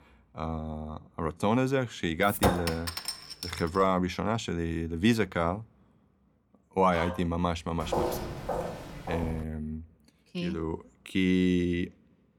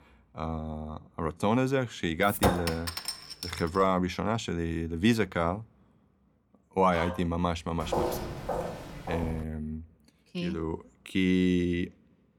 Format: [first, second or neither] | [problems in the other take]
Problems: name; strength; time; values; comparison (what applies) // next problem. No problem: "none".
neither | clattering dishes; loud; from 2.5 to 3.5 s; peak 2 dB above the speech; the same in both // dog barking; noticeable; at 7 s; peak 8 dB below the speech; the same in both // footsteps; noticeable; from 8 to 9.5 s; peak 1 dB below the speech; the same in both